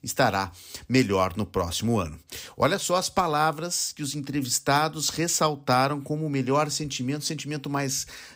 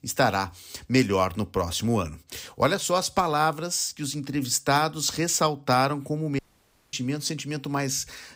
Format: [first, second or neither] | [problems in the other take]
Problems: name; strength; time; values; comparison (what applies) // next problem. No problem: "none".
first | audio cutting out; at 6.5 s for 0.5 s